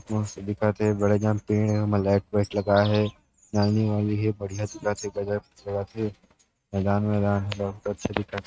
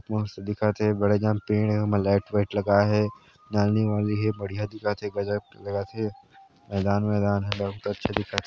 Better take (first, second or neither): second